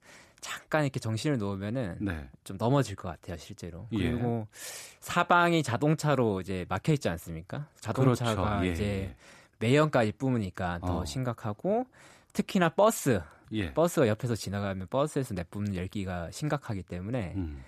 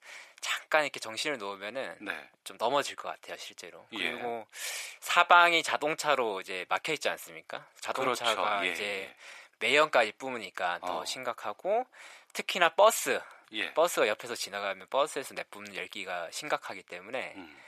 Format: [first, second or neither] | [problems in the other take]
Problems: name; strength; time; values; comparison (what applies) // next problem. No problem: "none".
first | thin; very; fading below 700 Hz